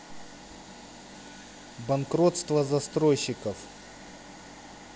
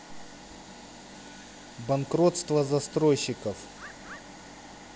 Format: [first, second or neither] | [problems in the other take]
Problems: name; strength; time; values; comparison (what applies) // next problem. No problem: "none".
first | background sound (Bird); 17 dB below the speech